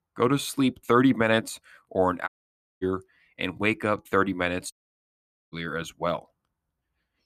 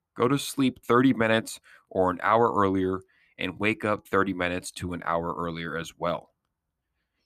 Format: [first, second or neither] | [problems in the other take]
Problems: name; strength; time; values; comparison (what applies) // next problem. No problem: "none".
second | audio cutting out; at 2.5 s for 0.5 s and at 4.5 s for 1 s